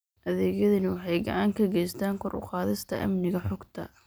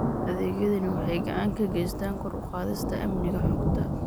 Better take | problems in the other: first | background sound (Thunder); as loud as the speech

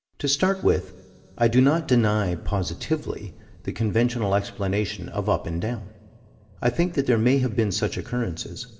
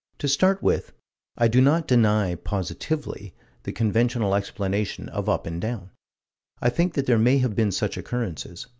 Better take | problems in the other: second | room echo; dies away in 2.8 s

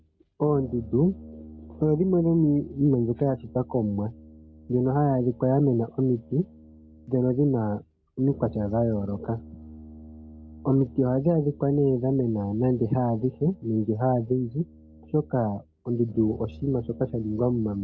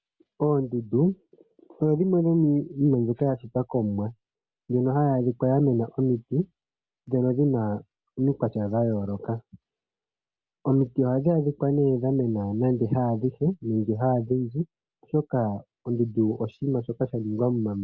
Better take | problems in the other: second | background sound (Brass instrument); 20 dB below the speech

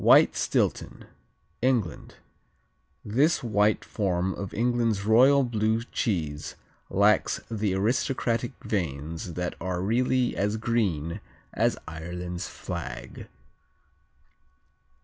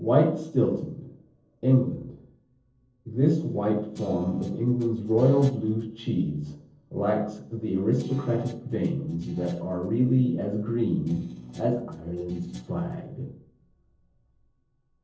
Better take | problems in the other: first | noise reduction (neural separator model SepFormer DNS4)

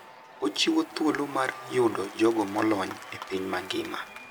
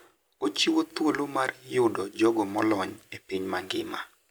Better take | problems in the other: second | background sound (Applause / Crowd / Cheering); 15 dB below the speech

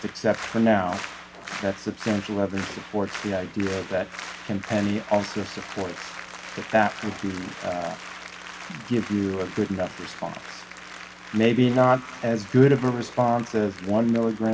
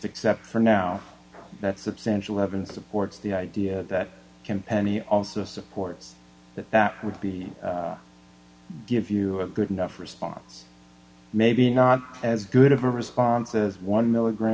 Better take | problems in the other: second | background sound (Applause); 14 dB below the speech

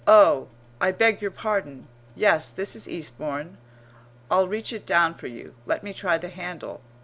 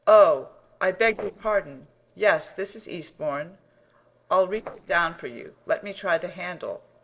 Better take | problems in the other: first | noise reduction (neural separator model SepFormer DNS4)

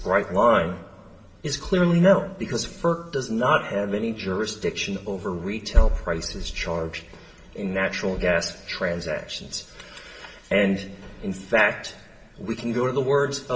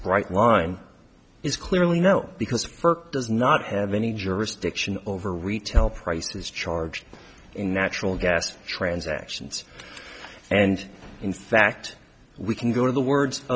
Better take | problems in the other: second | room echo; dies away in 2.5 s

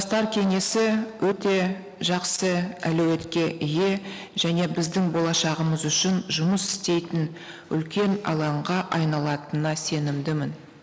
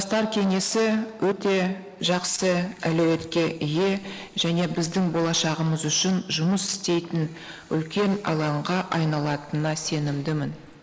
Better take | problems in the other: first | noise reduction (neural mask model Resemble Enhance denoiser)

